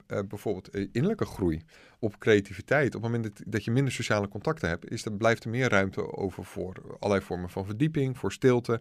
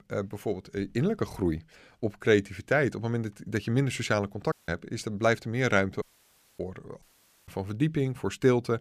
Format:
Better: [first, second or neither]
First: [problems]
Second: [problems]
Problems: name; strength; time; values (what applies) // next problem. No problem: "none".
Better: first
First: none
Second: audio cutting out; at 4.5 s, at 6 s for 0.5 s and at 7 s